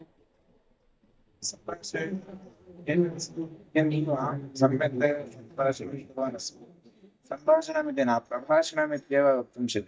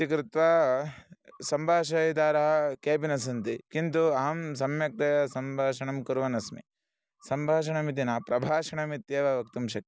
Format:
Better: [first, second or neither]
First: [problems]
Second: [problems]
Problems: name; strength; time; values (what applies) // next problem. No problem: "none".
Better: second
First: noise reduction (neural mask model DeepFilterNet 3)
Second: none